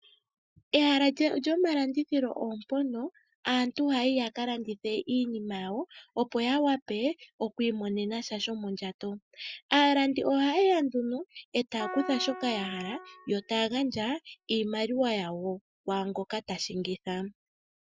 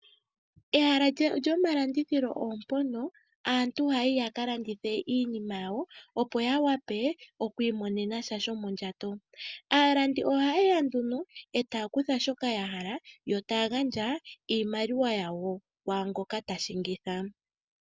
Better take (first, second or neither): second